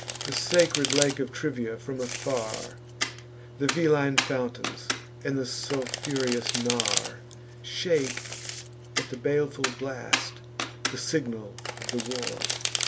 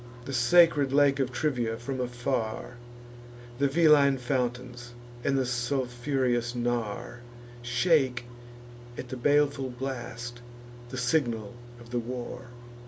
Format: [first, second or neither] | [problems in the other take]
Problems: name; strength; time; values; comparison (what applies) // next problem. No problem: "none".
second | background sound (Domestic sounds, home sounds); 3 dB below the speech